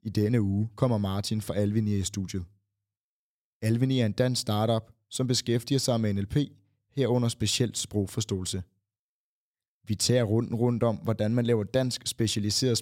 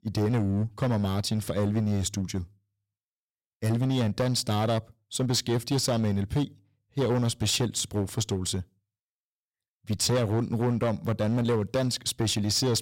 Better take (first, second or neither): first